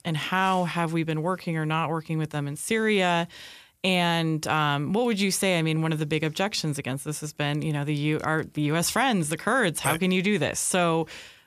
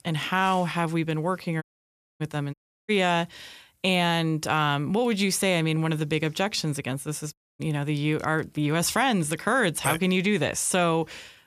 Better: first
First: none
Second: audio cutting out; at 1.5 s for 0.5 s, at 2.5 s and at 7.5 s

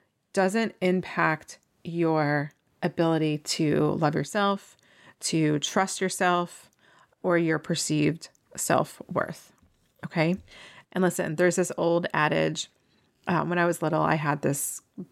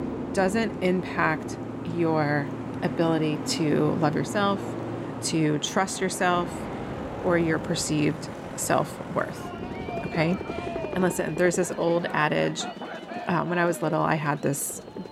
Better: first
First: none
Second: train or aircraft noise; loud; throughout; 8 dB below the speech

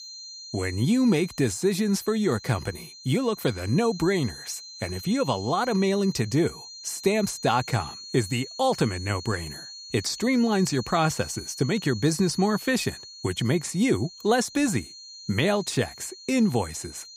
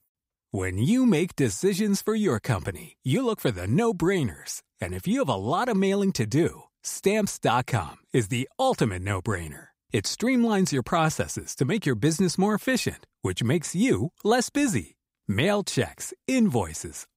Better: second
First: high-pitched whine; noticeable; throughout; 4 kHz, 15 dB below the speech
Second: none

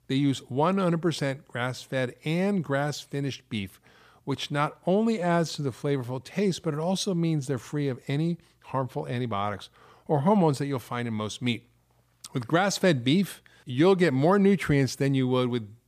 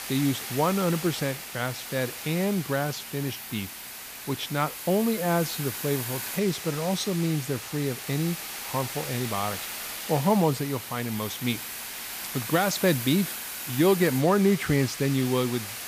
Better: first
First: none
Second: hiss; loud; throughout; 7 dB below the speech

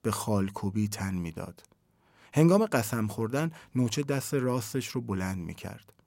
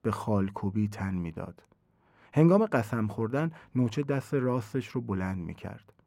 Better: first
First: none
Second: muffled; slightly; fading above 3.5 kHz

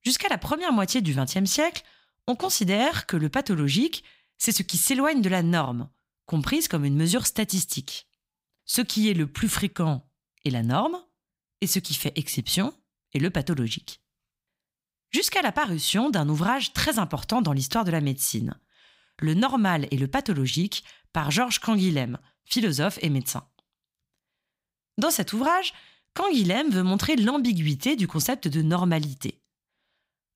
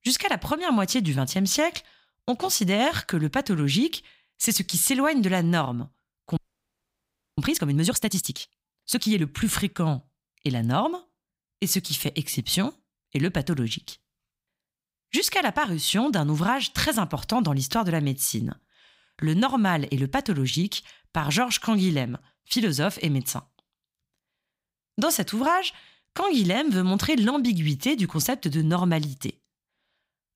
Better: first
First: none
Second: audio freezing; at 6.5 s for 1 s

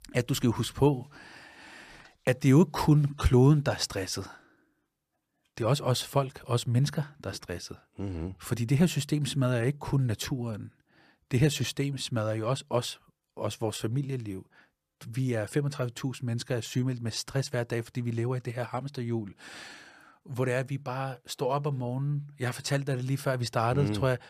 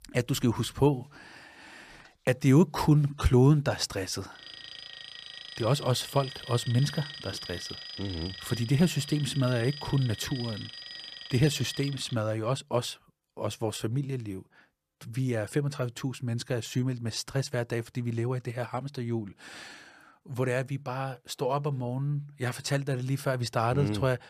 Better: first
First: none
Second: alarm; noticeable; from 4.5 to 12 s; peak 9 dB below the speech

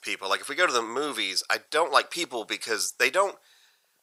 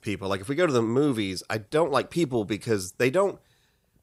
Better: second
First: thin; very; fading below 800 Hz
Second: none

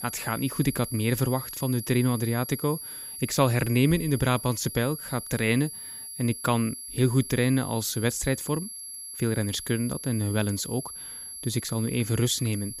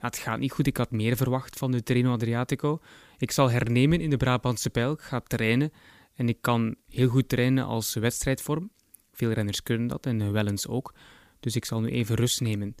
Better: second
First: high-pitched whine; loud; throughout; 11.5 kHz, 9 dB below the speech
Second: none

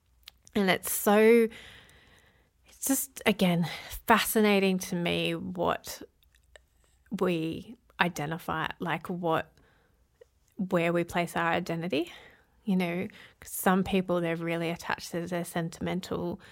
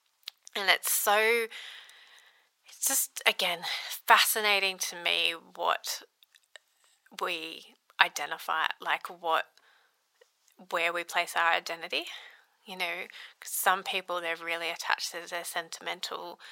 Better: first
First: none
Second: thin; very; fading below 900 Hz

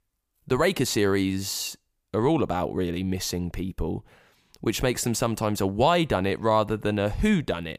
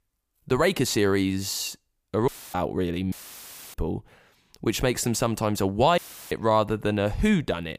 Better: first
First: none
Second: audio cutting out; filled with static; at 2.5 s, at 3 s for 0.5 s and at 6 s

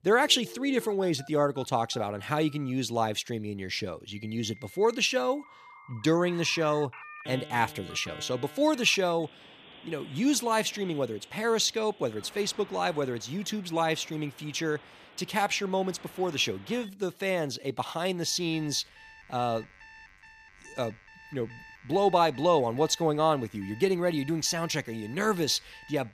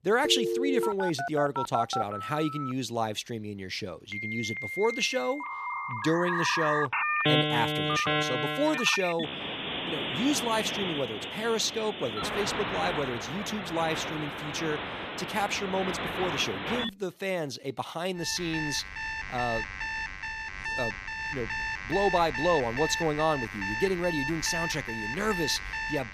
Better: first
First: alarms or sirens; faint; throughout; 20 dB below the speech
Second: alarms or sirens; loud; throughout; 1 dB below the speech

